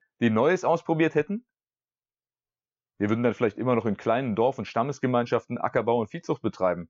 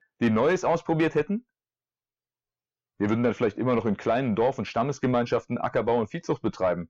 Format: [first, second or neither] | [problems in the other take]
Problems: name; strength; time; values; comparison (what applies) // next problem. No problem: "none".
first | distortion; slight; 10 dB below the speech